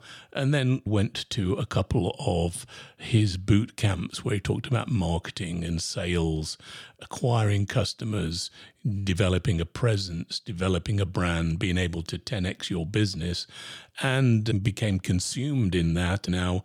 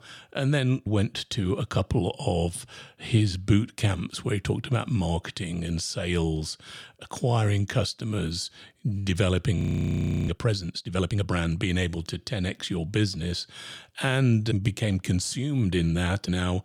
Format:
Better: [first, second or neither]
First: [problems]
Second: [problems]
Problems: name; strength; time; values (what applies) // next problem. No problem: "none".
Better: first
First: none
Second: audio freezing; at 9.5 s for 0.5 s